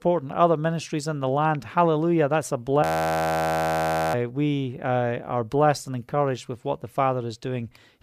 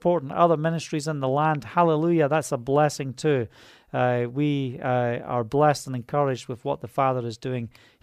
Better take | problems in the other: second | audio freezing; at 3 s for 1.5 s

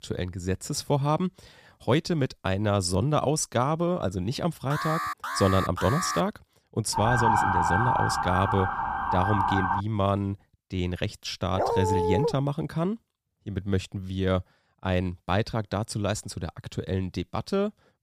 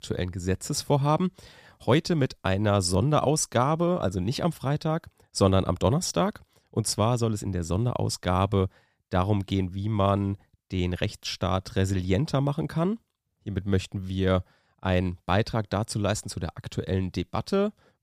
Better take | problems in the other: second | alarm; noticeable; from 4.5 to 6 s; peak 2 dB below the speech // siren; loud; from 7 to 10 s; peak 5 dB above the speech // dog barking; loud; at 12 s; peak 2 dB above the speech

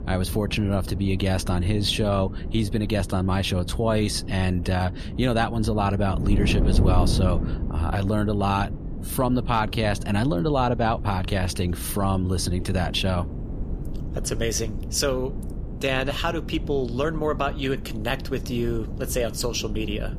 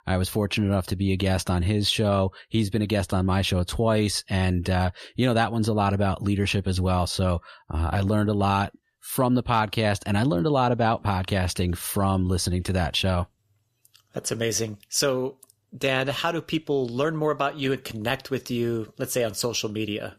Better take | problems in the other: second | wind noise on the microphone; occasional gusts; 15 dB below the speech

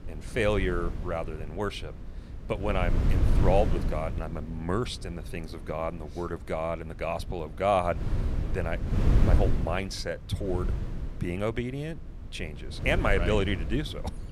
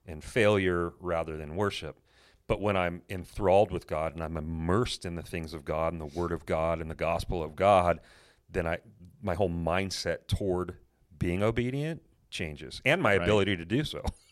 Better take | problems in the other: second | wind noise on the microphone; occasional gusts; 10 dB below the speech

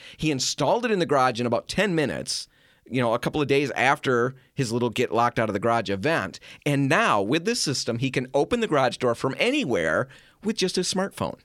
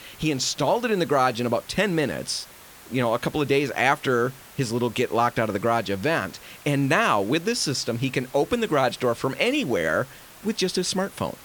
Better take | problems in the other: first | hiss; faint; throughout; 20 dB below the speech

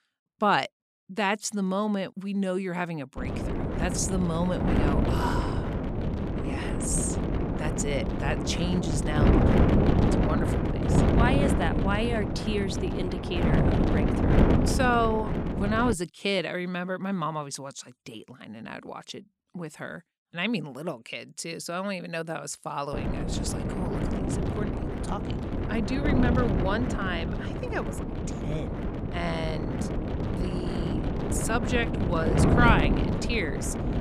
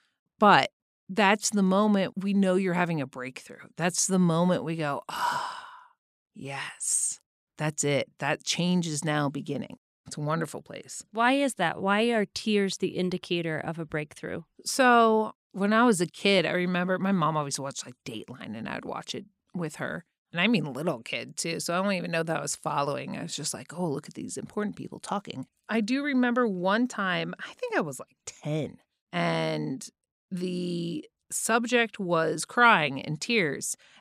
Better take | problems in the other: second | wind noise on the microphone; heavy; from 3 to 16 s and from 23 s on; 2 dB below the speech

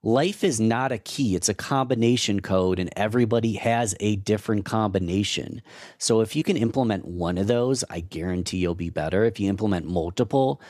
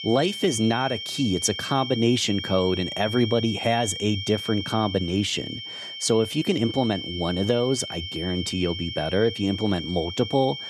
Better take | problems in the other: first | high-pitched whine; loud; throughout; 3 kHz, 7 dB below the speech

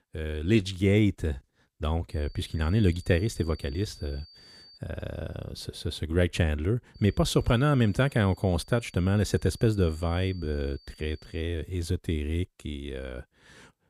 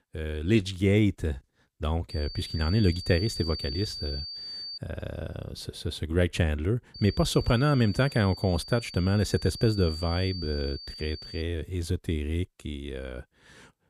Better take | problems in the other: first | high-pitched whine; loud; from 2 to 5 s and from 7 to 11 s; 4.5 kHz, 10 dB below the speech; faint in the first

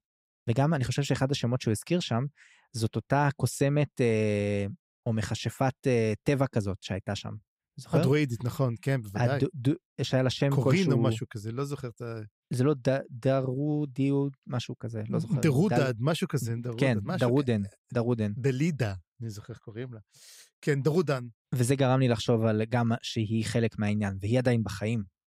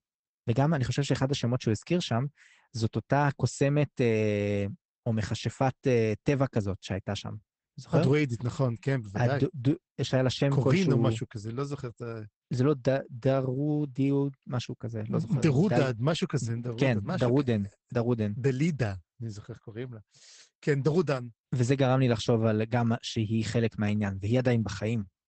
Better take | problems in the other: first | garbled, watery; badly; nothing above 8 kHz

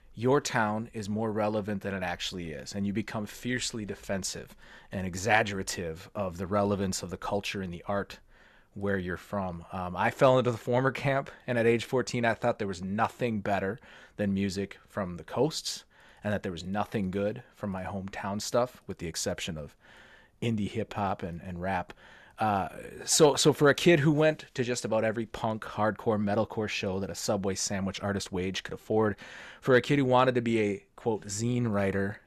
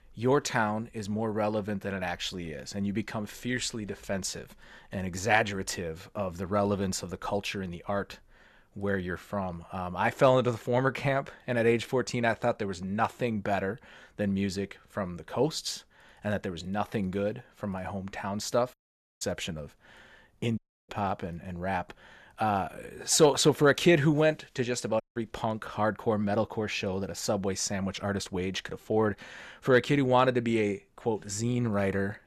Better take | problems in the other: first | audio cutting out; at 19 s, at 21 s and at 25 s

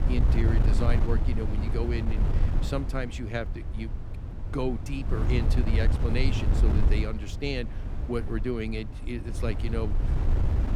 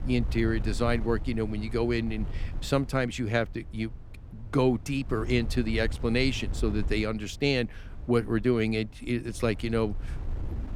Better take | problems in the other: second | wind noise on the microphone; heavy; 5 dB below the speech; occasional gusts in the second

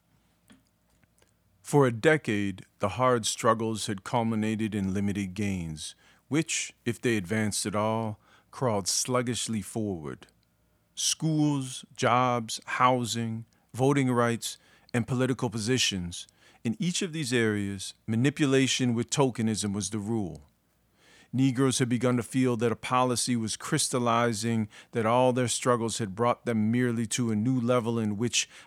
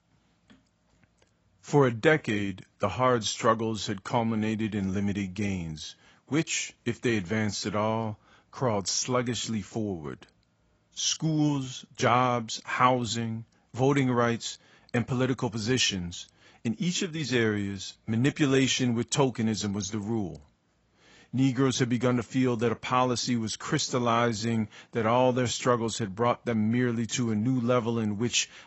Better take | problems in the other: first | garbled, watery; badly; nothing above 7.5 kHz

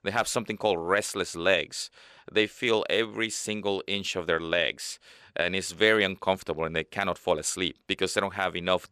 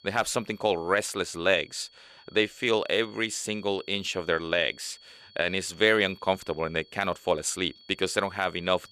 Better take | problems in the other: first | high-pitched whine; faint; throughout; 4.5 kHz, 25 dB below the speech

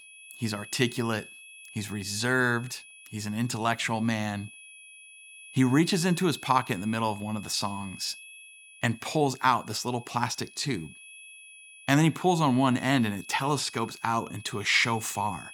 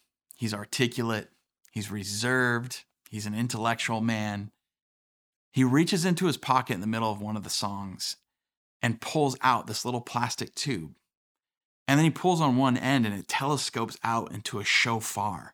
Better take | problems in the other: second | high-pitched whine; noticeable; throughout; 2.5 kHz, 20 dB below the speech

